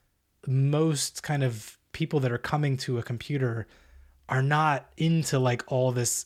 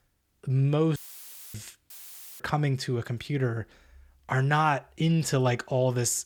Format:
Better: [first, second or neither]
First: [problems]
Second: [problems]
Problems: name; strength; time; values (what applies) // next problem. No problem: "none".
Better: first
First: none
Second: audio cutting out; filled with static; at 1 s for 0.5 s and at 2 s for 0.5 s